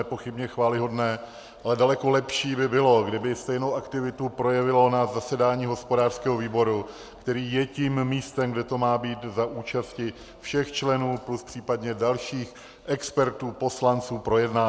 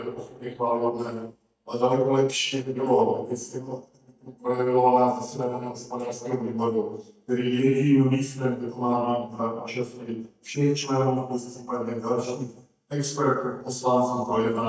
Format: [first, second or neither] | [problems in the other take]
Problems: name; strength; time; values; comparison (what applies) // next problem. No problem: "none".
first | noise reduction (neural mask model DeepFilterNet 3)